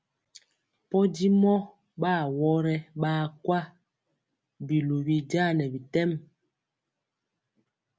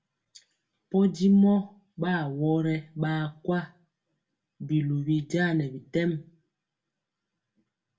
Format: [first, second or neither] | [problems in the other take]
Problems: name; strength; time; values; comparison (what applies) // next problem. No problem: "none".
first | room echo; dies away in 0.2 s